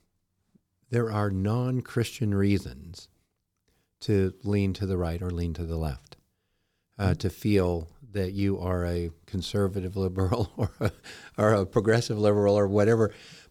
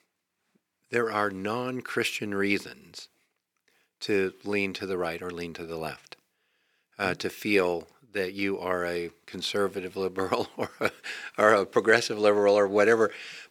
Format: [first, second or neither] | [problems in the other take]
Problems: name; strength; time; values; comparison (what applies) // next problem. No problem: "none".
first | thin; somewhat; fading below 300 Hz